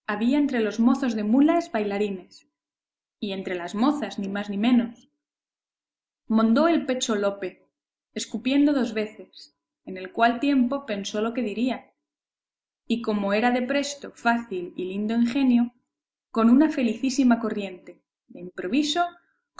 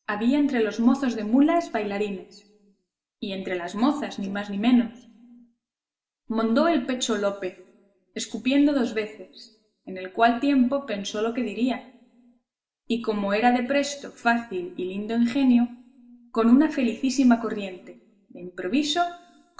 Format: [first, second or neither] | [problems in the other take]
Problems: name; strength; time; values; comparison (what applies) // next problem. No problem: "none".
first | room echo; dies away in 0.7 s